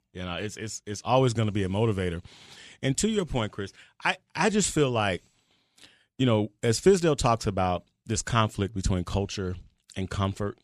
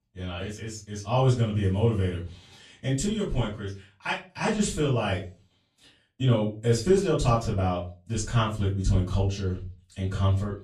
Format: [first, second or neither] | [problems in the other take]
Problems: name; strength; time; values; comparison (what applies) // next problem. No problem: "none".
first | off-mic speech; far // room echo; slight; dies away in 0.3 s